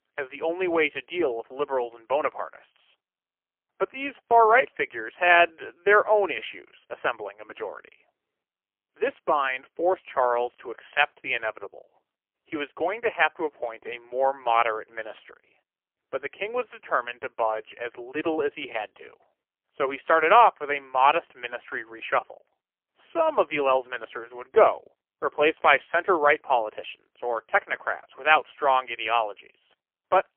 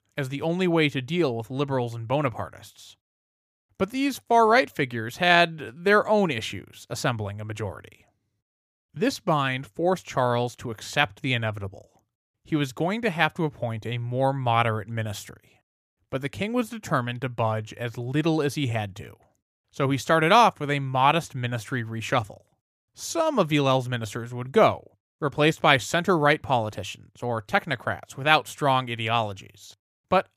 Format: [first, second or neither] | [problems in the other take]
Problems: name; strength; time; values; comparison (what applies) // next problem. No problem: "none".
second | phone-call audio; poor line; nothing above 3 kHz